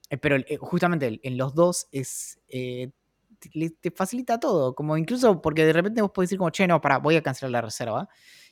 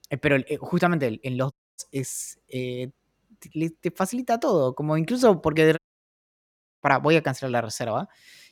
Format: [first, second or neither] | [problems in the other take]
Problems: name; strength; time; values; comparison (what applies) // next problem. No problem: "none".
first | audio cutting out; at 1.5 s and at 6 s for 1 s